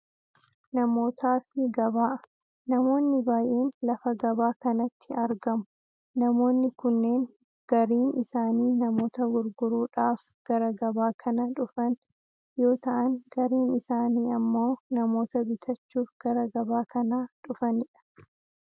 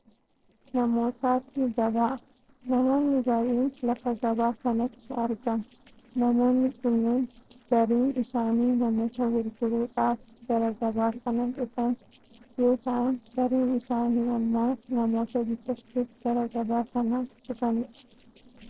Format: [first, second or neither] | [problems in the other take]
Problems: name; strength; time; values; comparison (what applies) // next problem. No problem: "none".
first | noise reduction (neural separator model SepFormer DNS4)